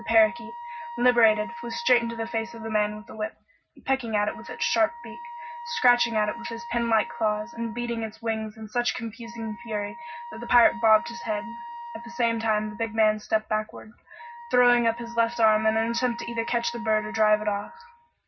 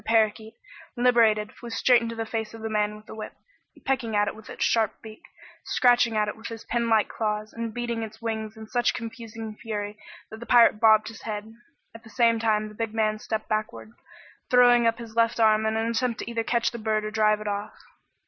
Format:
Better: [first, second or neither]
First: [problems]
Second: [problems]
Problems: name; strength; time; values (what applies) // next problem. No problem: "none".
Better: second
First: background sound (Wind instrument, woodwind instrument); 13 dB below the speech // room echo; dies away in 0.4 s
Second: none